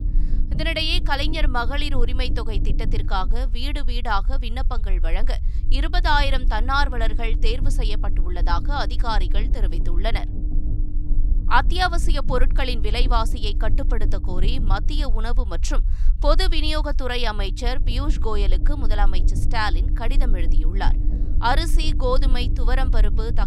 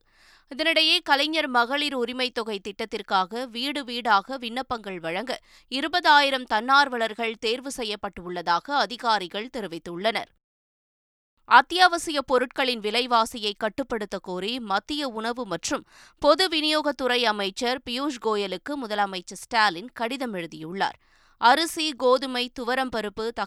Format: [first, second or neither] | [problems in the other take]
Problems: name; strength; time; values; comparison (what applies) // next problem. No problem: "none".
second | low rumble; noticeable; throughout; 15 dB below the speech